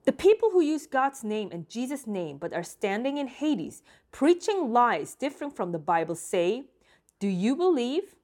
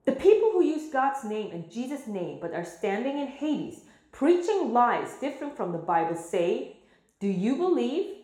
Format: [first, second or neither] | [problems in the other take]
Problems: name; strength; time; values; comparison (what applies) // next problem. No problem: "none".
first | room echo; slight; dies away in 0.7 s // off-mic speech; somewhat distant